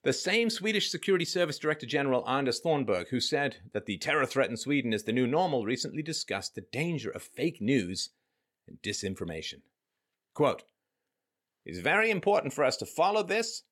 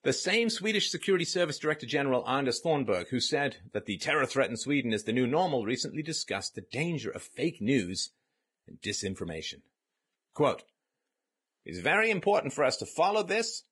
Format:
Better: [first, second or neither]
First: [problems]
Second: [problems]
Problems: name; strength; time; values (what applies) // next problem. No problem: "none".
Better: first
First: none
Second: garbled, watery; badly; nothing above 10.5 kHz